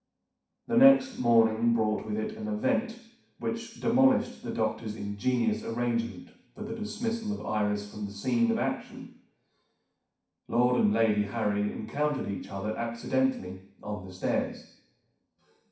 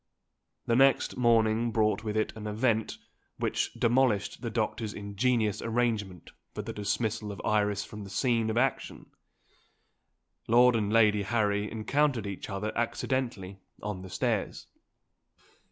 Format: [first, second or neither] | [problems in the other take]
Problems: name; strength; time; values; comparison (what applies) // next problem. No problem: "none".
second | room echo; dies away in 0.6 s